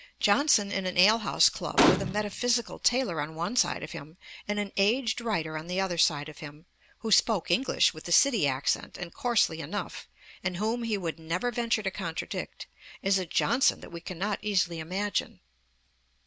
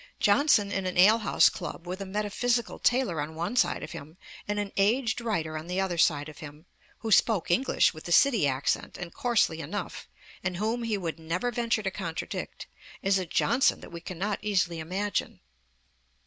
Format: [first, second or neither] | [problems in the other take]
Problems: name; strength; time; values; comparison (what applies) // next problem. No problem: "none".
second | background sound (Gunshot, gunfire); 2 dB above the speech